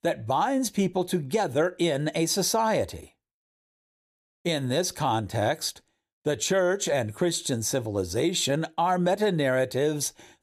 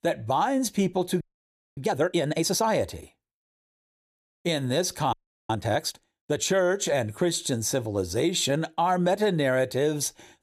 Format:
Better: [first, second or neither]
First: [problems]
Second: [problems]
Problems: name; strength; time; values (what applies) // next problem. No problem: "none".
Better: first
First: none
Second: audio freezing; at 1 s for 0.5 s and at 5 s